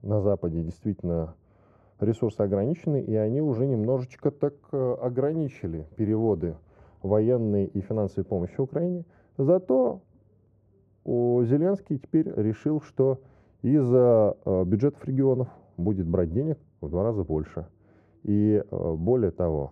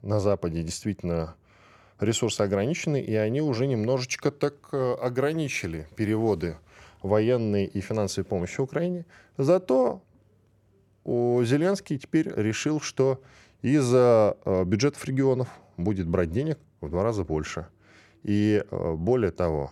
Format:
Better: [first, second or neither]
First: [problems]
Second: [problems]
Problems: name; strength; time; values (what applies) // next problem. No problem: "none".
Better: second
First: muffled; very; fading above 1.5 kHz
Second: none